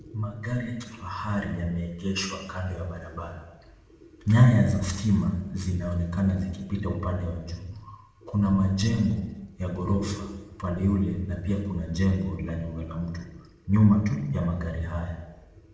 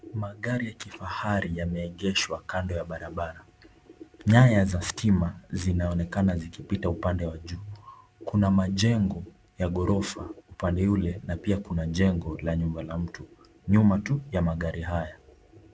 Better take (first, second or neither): second